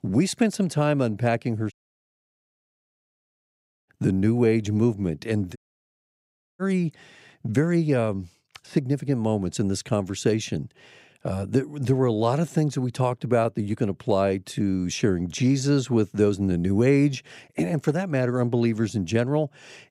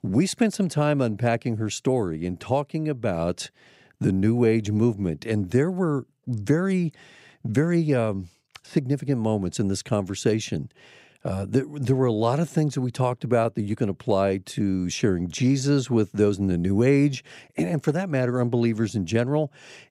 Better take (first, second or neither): second